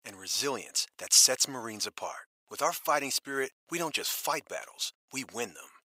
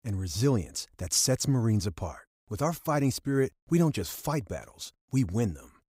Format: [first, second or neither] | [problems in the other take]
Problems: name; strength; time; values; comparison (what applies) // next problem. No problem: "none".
second | thin; very; fading below 750 Hz